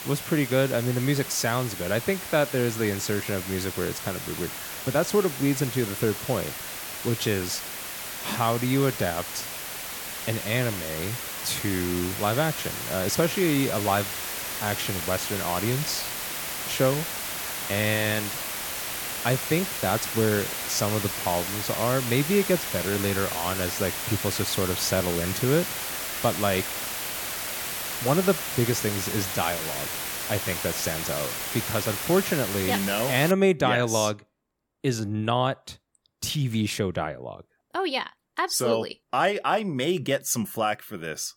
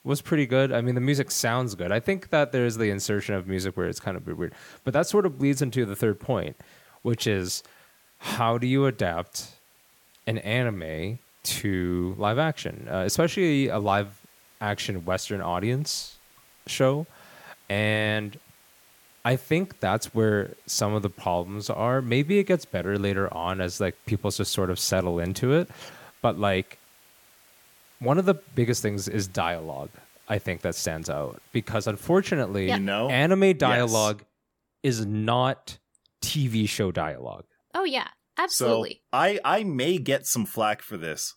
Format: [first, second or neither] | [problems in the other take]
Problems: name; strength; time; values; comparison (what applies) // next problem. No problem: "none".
second | hiss; loud; until 33 s; 4 dB below the speech; faint in the second